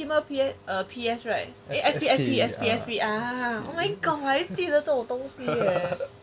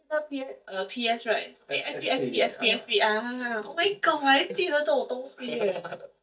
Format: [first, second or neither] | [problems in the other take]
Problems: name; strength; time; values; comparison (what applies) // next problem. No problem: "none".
first | noise reduction (neural mask model DeepFilterNet 3)